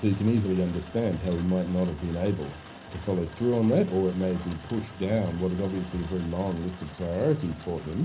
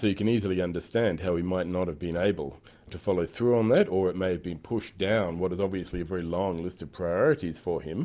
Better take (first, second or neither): second